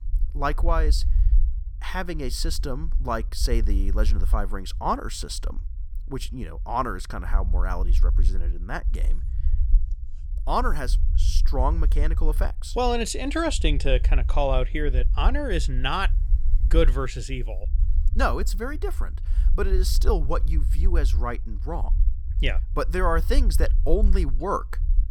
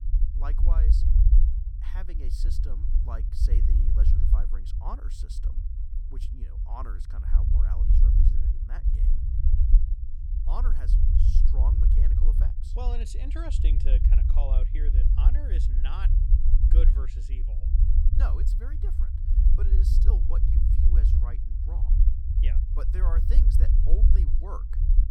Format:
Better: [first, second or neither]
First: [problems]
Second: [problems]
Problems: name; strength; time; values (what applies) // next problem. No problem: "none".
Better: first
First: low rumble; faint; throughout; 20 dB below the speech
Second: low rumble; loud; throughout; 1 dB below the speech